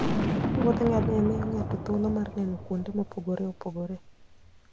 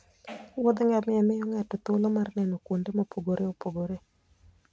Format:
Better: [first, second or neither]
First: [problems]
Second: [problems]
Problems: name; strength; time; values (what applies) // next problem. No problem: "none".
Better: second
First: background sound (Boom); 1 dB below the speech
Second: none